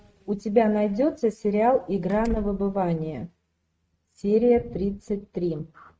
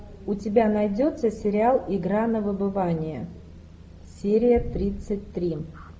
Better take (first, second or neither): second